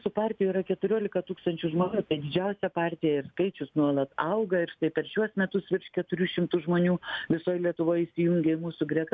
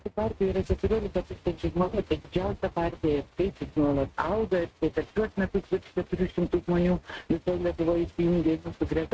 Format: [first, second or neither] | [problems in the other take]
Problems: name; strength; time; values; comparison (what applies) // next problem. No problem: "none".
first | noise reduction (neural mask model RNNoise)